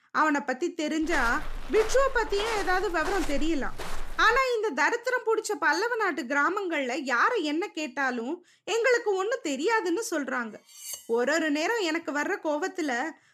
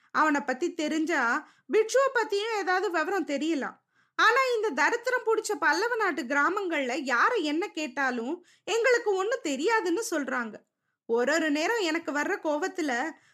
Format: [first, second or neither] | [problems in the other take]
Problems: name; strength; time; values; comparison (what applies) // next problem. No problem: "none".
second | footsteps; noticeable; from 1 to 4.5 s; peak 8 dB below the speech // clattering dishes; faint; at 11 s; peak 10 dB below the speech